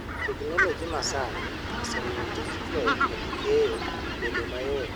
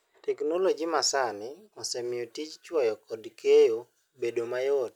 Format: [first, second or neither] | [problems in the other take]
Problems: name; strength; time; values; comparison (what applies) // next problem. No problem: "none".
second | background sound (Fowl); 1 dB above the speech